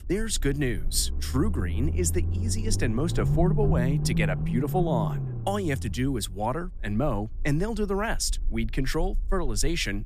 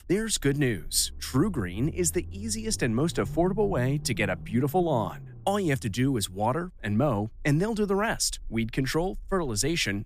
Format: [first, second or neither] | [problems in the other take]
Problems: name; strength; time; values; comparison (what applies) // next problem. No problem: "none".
second | low rumble; loud; throughout; 9 dB below the speech; faint in the second